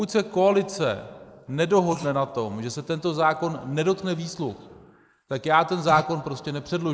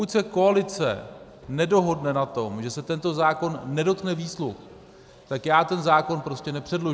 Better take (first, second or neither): second